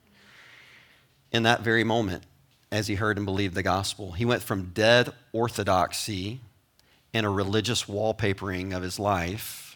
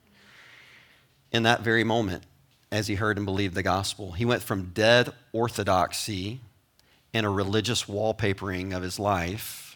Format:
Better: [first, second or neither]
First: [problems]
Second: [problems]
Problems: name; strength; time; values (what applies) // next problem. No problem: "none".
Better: neither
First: none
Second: none